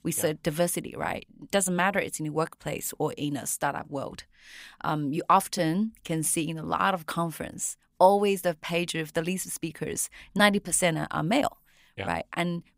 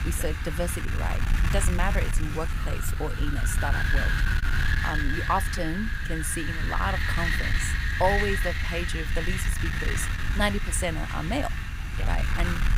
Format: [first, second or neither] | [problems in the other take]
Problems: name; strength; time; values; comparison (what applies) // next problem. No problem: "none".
first | wind noise on the microphone; heavy; 1 dB above the speech